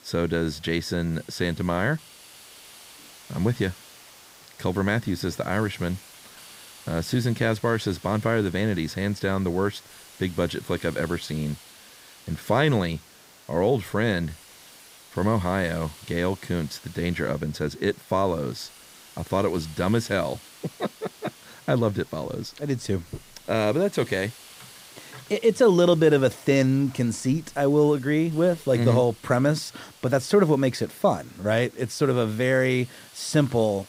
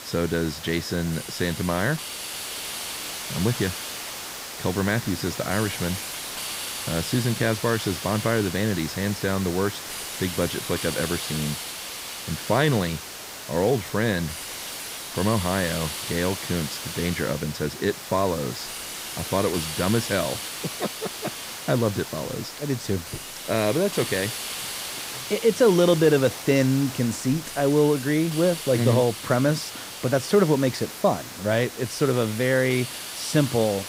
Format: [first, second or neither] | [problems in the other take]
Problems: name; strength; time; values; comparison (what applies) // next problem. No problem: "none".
first | hiss; loud; throughout; 7 dB below the speech; faint in the first